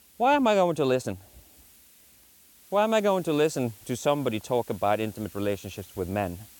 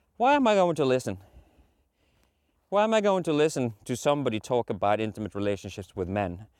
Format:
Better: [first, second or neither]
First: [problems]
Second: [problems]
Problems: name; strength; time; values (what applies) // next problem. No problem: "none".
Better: second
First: hiss; faint; throughout; 25 dB below the speech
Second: none